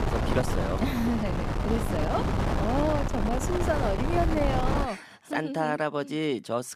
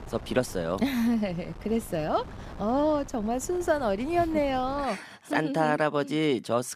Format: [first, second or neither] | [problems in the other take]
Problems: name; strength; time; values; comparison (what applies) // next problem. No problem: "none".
second | wind noise on the microphone; heavy; until 5 s; 2 dB below the speech; occasional gusts in the second